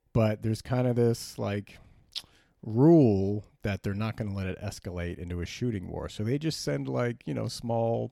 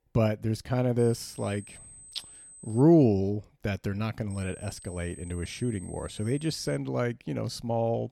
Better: first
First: none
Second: high-pitched whine; noticeable; from 1 to 3 s and from 4.5 to 7 s; 8 kHz, 20 dB below the speech

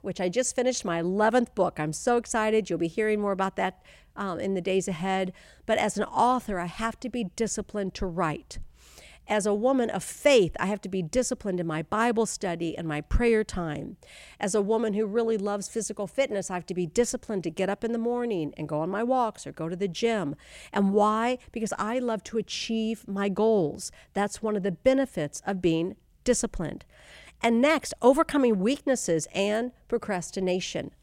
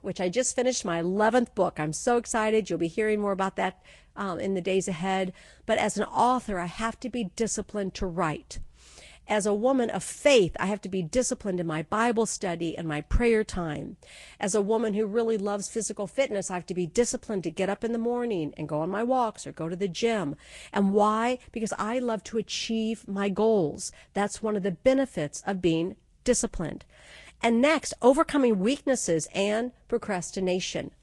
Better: first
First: none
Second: garbled, watery; slightly

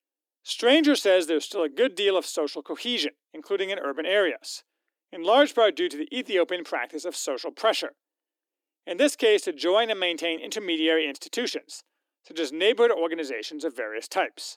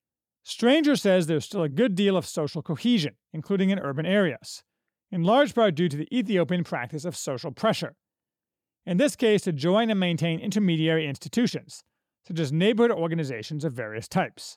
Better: second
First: thin; somewhat; fading below 300 Hz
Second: none

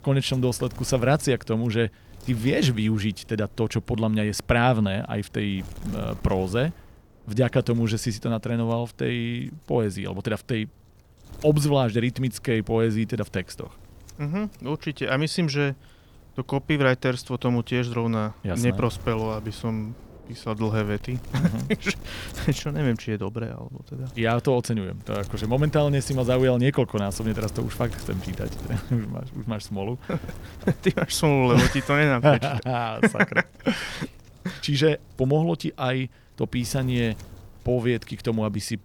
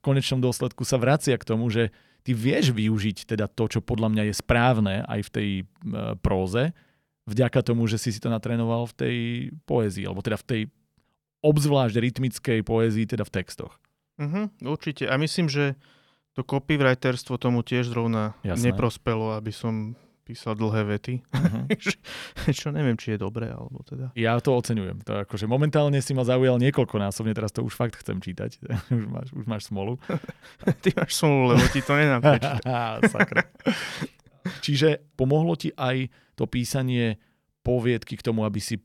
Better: second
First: wind noise on the microphone; occasional gusts; 25 dB below the speech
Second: none

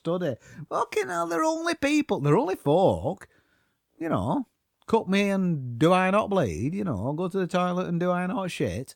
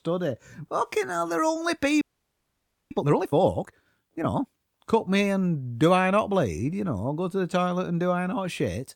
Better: first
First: none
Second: audio freezing; at 2 s for 1 s

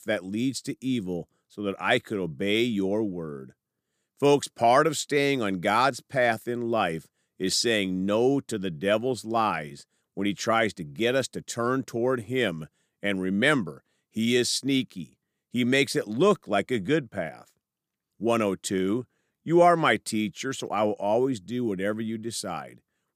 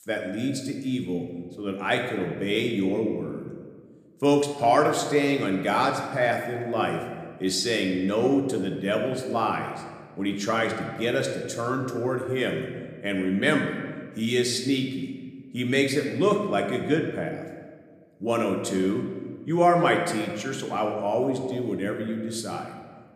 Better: first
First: none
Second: room echo; slight; dies away in 1.3 s

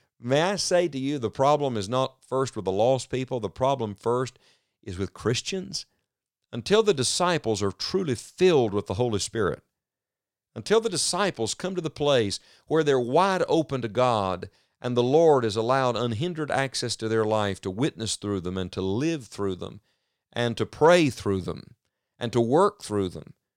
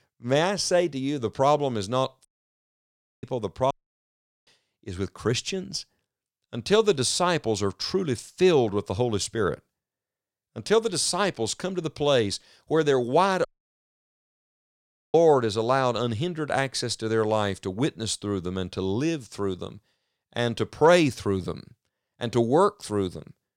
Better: first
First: none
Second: audio cutting out; at 2.5 s for 1 s, at 3.5 s for 1 s and at 13 s for 1.5 s

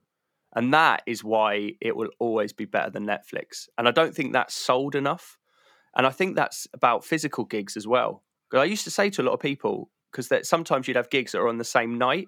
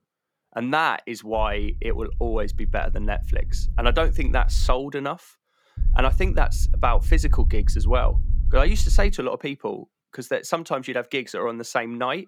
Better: first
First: none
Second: low rumble; faint; from 1.5 to 4.5 s and from 6 to 9 s; 20 dB below the speech

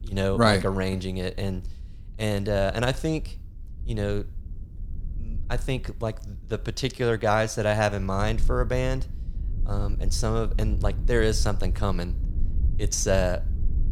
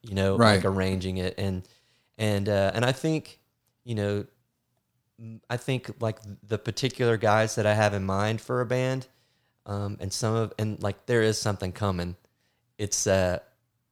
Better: second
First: low rumble; faint; throughout; 25 dB below the speech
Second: none

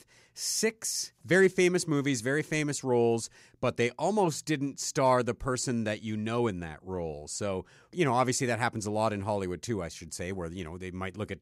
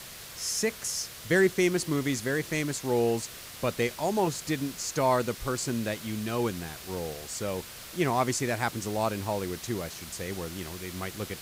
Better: first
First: none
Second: hiss; noticeable; throughout; 10 dB below the speech

